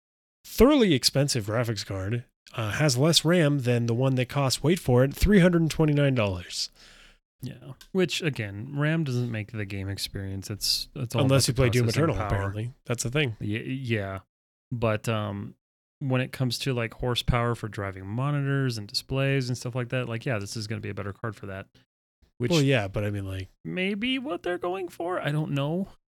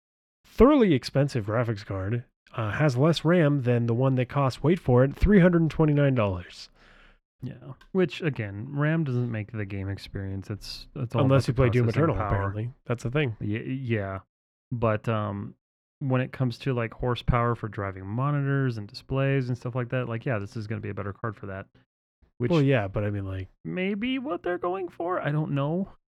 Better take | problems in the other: first | muffled; slightly; fading above 3.5 kHz

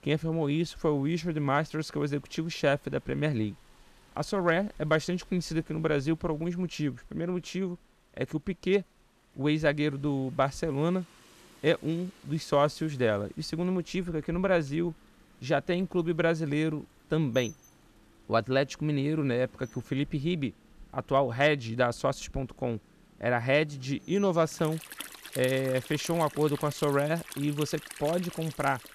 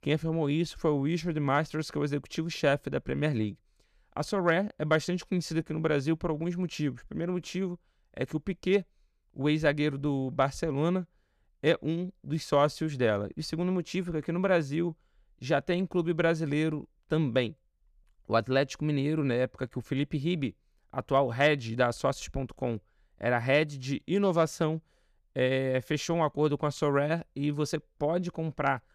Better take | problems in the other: second | rain or running water; noticeable; throughout; 20 dB below the speech

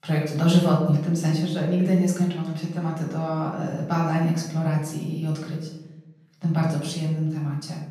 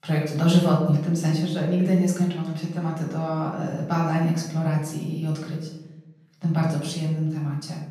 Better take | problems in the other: neither | off-mic speech; far; the same in both // room echo; noticeable; dies away in 0.8 s; the same in both

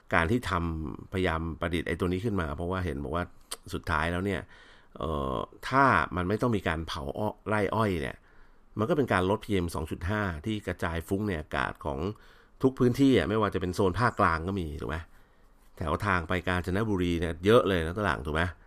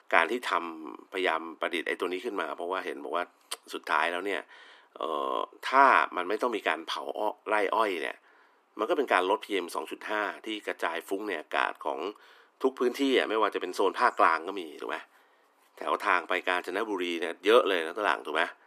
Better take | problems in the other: first | thin; somewhat; fading below 300 Hz

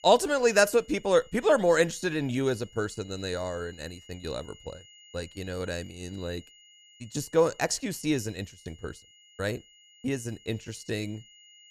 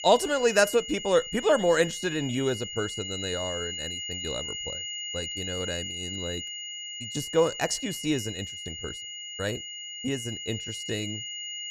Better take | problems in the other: first | high-pitched whine; loud; throughout; 3 kHz, 6 dB below the speech; faint in the first

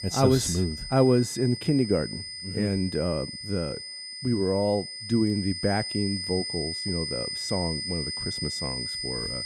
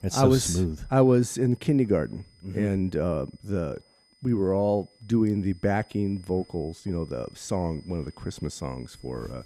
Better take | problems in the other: second | high-pitched whine; loud; throughout; 5 kHz, 5 dB below the speech; faint in the second

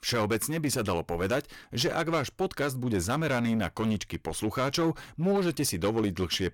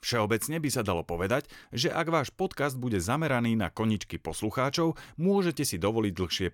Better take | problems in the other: second | distortion; slight; 8% of the sound clipped

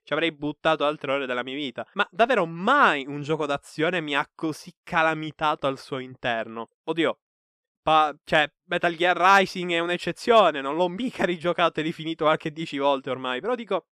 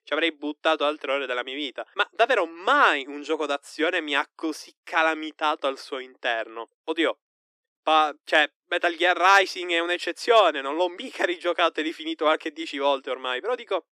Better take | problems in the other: first | thin; very slightly; fading below 300 Hz

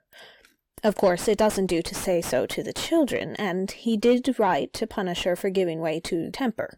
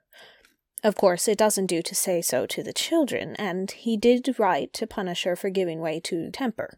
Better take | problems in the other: second | distortion; slight; 10 dB below the speech

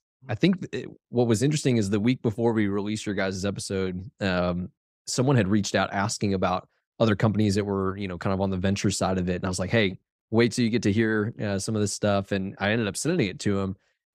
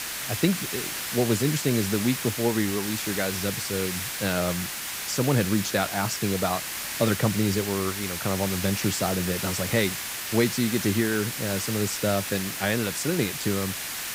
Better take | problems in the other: first | hiss; loud; throughout; 3 dB below the speech

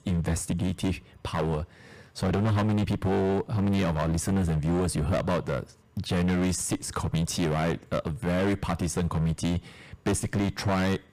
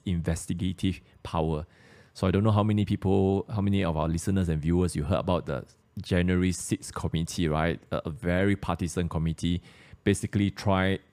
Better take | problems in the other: second | distortion; heavy; 18% of the sound clipped

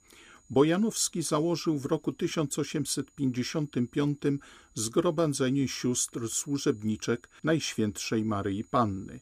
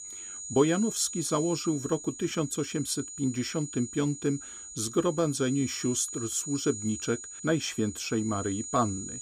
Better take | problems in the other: first | high-pitched whine; loud; throughout; 7 kHz, 9 dB below the speech; faint in the first

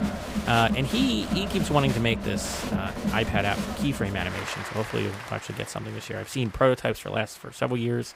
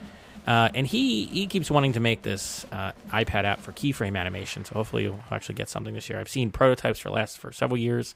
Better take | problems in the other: second | crowd noise; loud; throughout; 5 dB below the speech; faint in the second

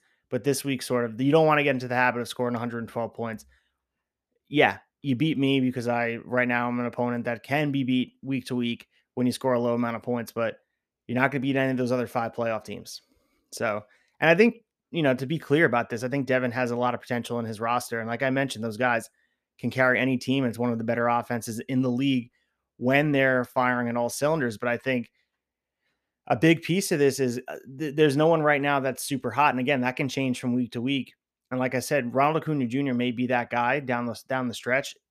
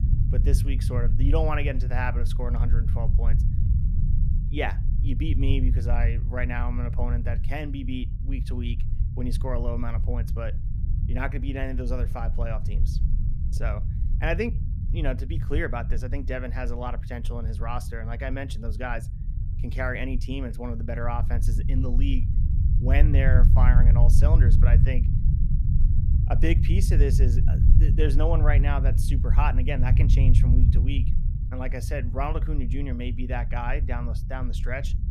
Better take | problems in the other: first | low rumble; loud; throughout; 8 dB below the speech

